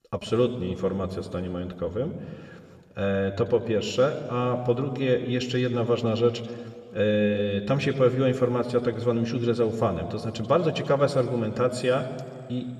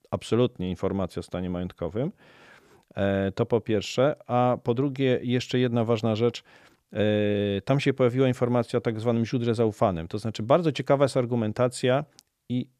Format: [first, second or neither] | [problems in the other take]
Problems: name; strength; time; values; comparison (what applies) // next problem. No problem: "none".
second | room echo; slight; dies away in 1.9 s